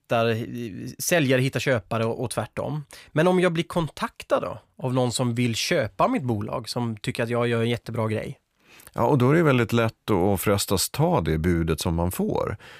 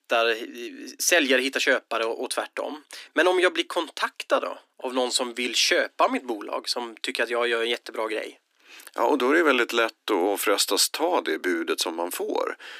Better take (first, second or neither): first